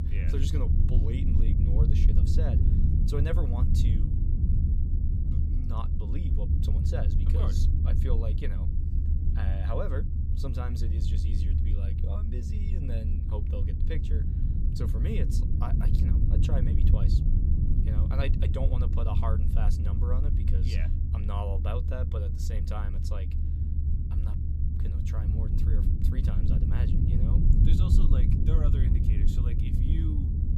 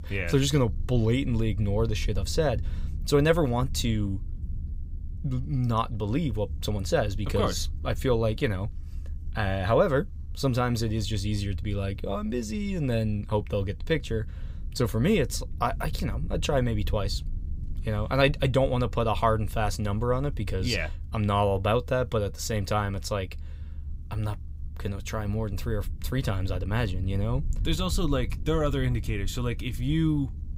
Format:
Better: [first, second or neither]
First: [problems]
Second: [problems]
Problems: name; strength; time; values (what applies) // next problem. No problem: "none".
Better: second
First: low rumble; loud; throughout; as loud as the speech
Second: low rumble; faint; throughout; 25 dB below the speech